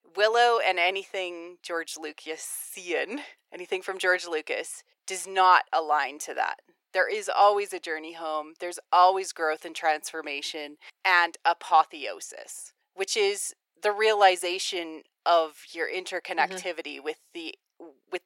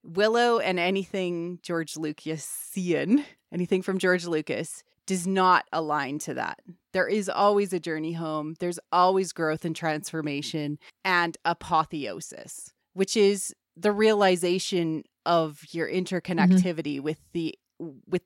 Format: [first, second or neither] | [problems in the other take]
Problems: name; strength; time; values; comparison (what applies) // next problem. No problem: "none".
second | thin; very; fading below 450 Hz